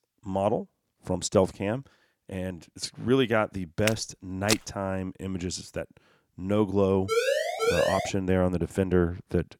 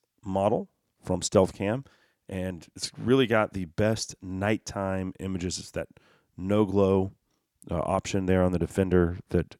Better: second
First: footsteps; noticeable; at 4 s; peak 1 dB below the speech // siren; loud; from 7 to 8 s; peak 3 dB above the speech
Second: none

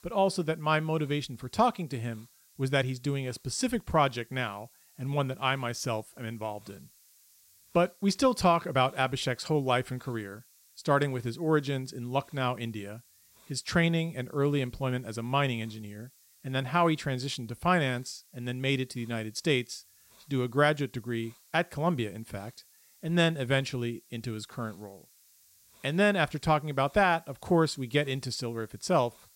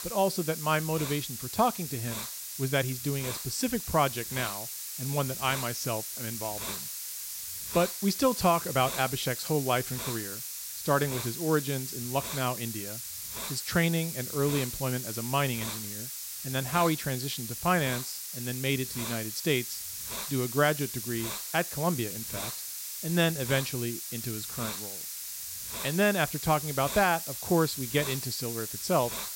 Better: first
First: hiss; faint; throughout; 30 dB below the speech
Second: hiss; loud; throughout; 5 dB below the speech

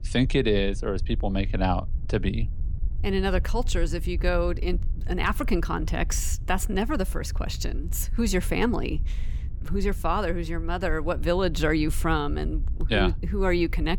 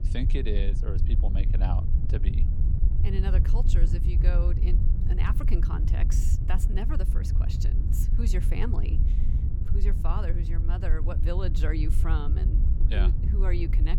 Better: first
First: wind noise on the microphone; occasional gusts; 25 dB below the speech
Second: wind noise on the microphone; heavy; 4 dB below the speech

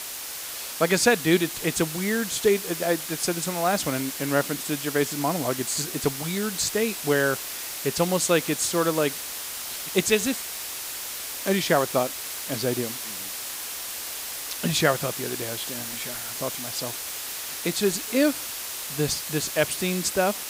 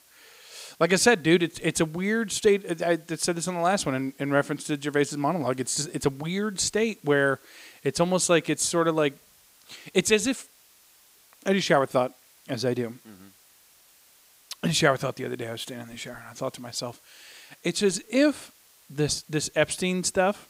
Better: second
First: hiss; loud; throughout; 5 dB below the speech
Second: hiss; faint; throughout; 30 dB below the speech

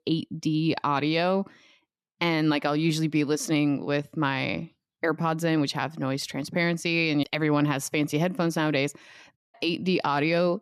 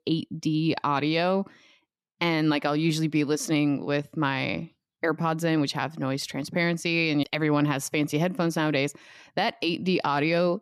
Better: second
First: audio cutting out; at 9.5 s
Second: none

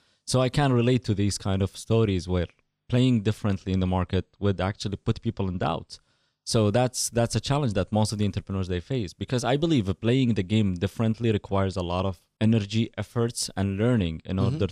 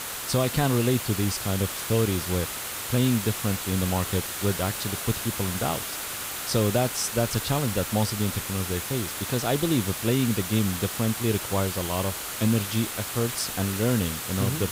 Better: first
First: none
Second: hiss; loud; throughout; 4 dB below the speech

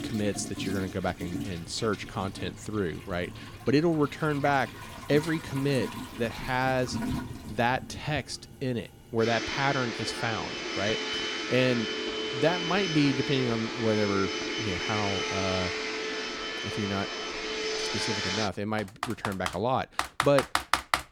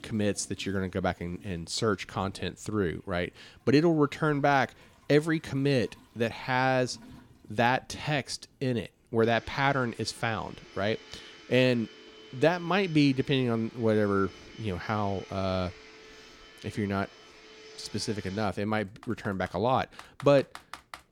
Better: second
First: household noises; loud; throughout; 3 dB below the speech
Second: household noises; faint; throughout; 20 dB below the speech

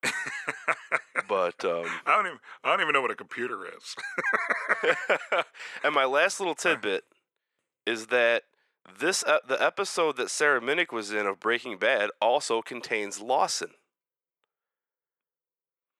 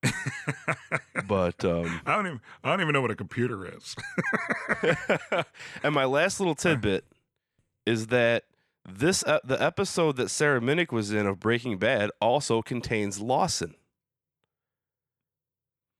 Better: second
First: thin; somewhat; fading below 450 Hz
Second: none

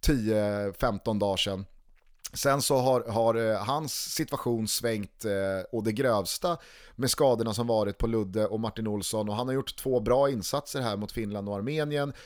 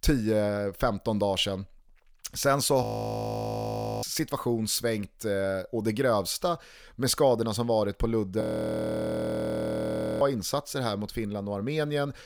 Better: first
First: none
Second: audio freezing; at 3 s for 1 s and at 8.5 s for 2 s

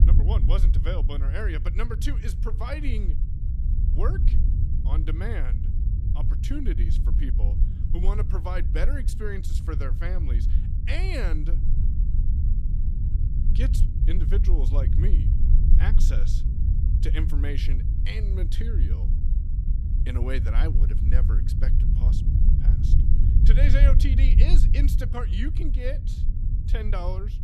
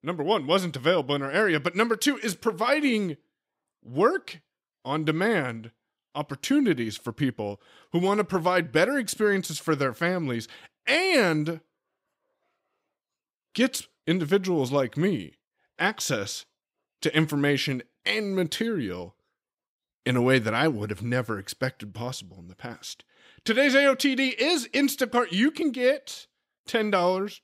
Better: second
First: low rumble; loud; throughout; 5 dB below the speech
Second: none

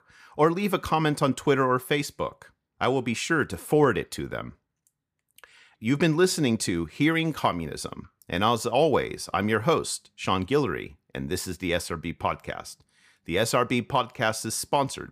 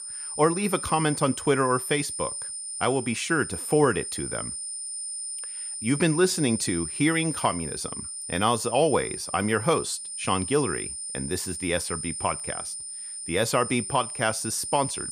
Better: first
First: none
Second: high-pitched whine; loud; throughout; 9 kHz, 6 dB below the speech

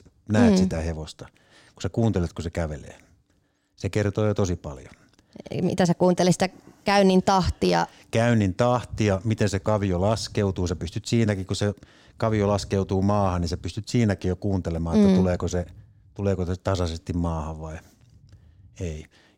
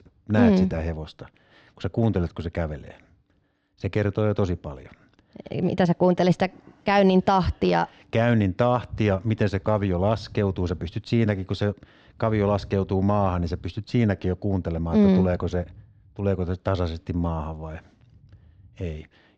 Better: first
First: none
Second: muffled; slightly; fading above 3.5 kHz

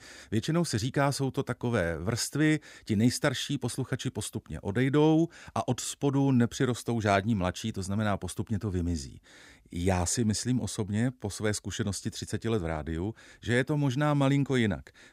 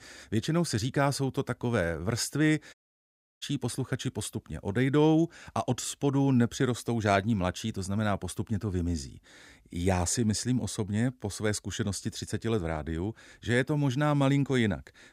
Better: first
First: none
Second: audio cutting out; at 2.5 s for 0.5 s

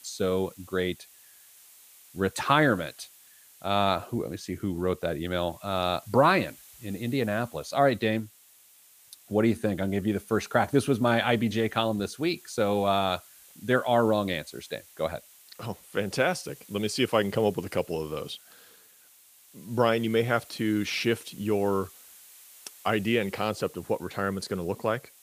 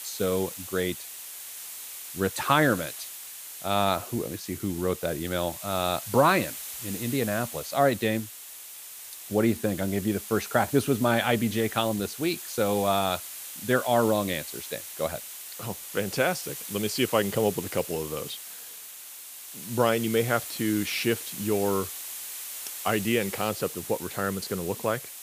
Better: first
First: hiss; faint; throughout; 25 dB below the speech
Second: hiss; loud; throughout; 9 dB below the speech

